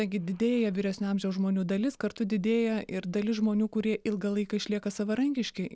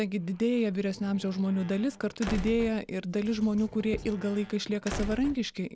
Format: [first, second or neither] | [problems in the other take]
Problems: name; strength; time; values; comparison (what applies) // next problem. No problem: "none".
first | background sound (Squeak / Slam / Wood + Writing); 11 dB below the speech